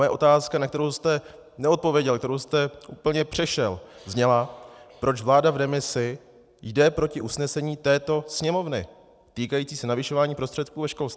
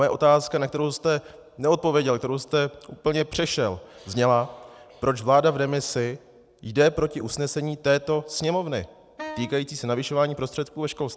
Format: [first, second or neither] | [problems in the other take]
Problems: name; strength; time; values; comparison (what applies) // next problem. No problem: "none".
first | background sound (Wind instrument, woodwind instrument); 15 dB below the speech